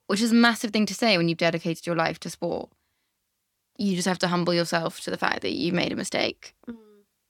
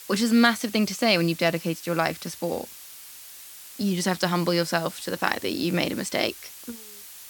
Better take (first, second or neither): first